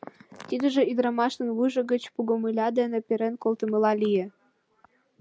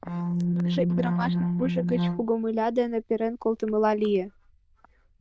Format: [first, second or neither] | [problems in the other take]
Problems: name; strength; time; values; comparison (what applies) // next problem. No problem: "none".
first | noise reduction (neural diffusion model UNIVERSE++)